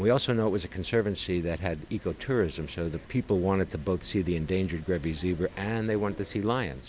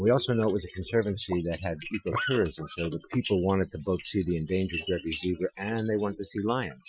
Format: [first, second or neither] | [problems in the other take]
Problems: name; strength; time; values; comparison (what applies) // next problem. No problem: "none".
first | noise reduction (classical method Wiener filter)